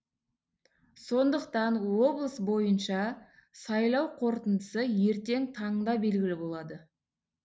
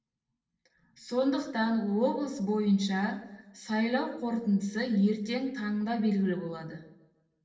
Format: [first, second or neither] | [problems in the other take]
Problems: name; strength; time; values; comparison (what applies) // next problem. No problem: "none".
first | room echo; dies away in 0.8 s